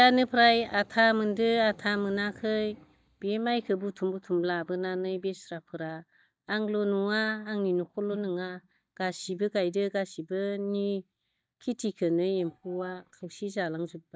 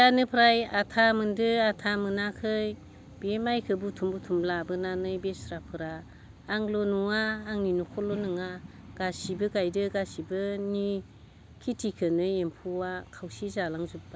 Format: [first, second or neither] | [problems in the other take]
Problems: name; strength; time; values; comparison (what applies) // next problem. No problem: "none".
second | noise reduction (neural mask model DeepFilterNet 3)